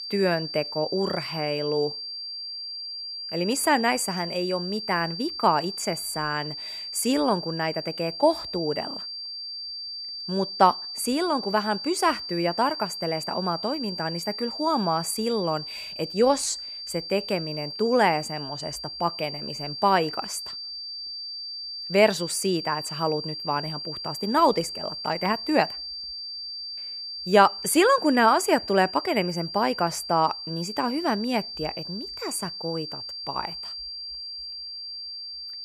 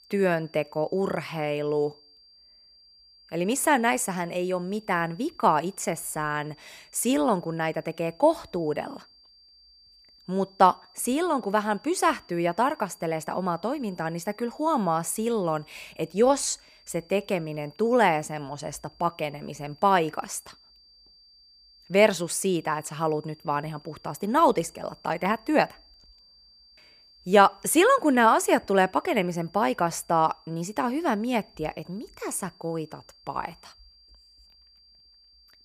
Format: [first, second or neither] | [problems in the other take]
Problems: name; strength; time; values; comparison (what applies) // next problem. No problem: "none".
second | high-pitched whine; loud; throughout; 4.5 kHz, 7 dB below the speech; faint in the second